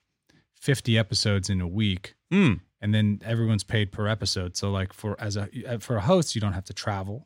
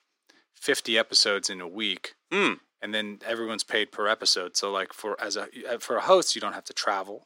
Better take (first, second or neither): first